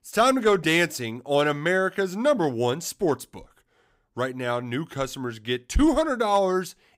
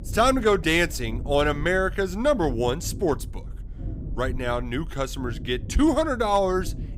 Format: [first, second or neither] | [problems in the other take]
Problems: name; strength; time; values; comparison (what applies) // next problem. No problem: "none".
first | low rumble; faint; throughout; 25 dB below the speech